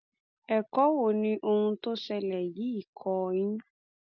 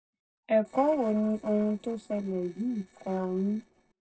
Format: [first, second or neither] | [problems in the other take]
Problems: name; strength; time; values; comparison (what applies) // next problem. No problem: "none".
first | noise reduction (neural separator model SepFormer DNS4)